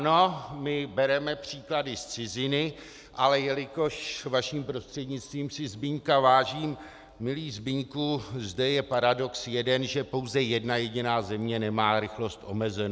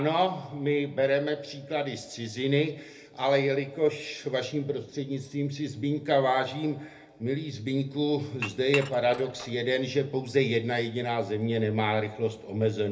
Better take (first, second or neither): first